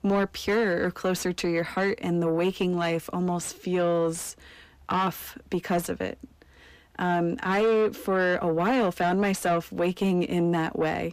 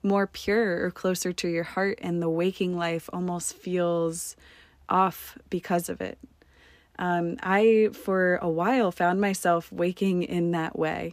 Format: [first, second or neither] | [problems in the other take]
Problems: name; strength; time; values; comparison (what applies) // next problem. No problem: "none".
second | distortion; slight; 10 dB below the speech